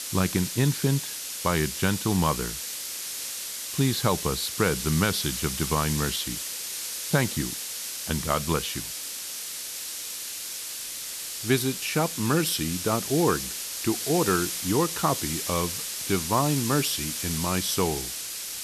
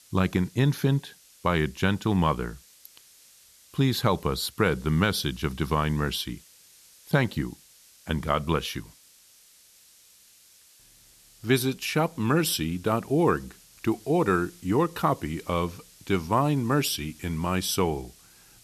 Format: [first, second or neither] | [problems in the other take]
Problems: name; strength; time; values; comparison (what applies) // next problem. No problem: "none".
second | hiss; loud; throughout; 4 dB below the speech; faint in the second